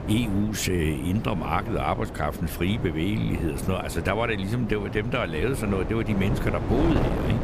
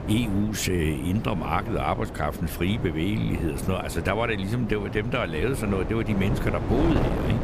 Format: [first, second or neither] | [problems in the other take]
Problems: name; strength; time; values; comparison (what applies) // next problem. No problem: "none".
neither | wind noise on the microphone; heavy; 7 dB below the speech; the same in both